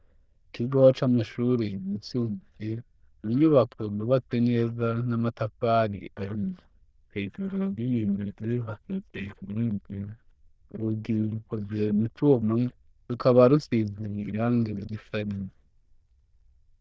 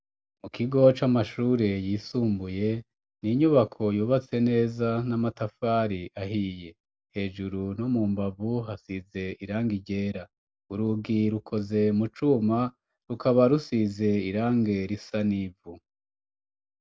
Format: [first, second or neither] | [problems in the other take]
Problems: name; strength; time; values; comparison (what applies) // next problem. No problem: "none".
second | noise reduction (neural diffusion model UNIVERSE++)